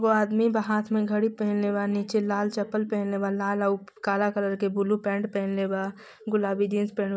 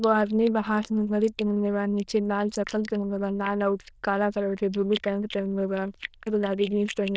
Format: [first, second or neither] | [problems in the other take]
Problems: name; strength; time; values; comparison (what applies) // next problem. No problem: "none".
first | noise reduction (neural diffusion model UNIVERSE++)